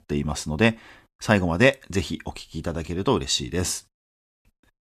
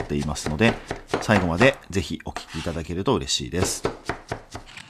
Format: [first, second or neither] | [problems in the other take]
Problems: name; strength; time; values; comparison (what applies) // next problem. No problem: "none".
first | household noises; loud; throughout; 7 dB below the speech